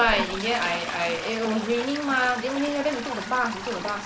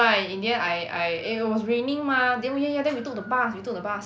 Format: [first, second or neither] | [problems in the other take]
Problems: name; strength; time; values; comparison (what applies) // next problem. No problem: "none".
second | background sound (Toilet flush); 7 dB below the speech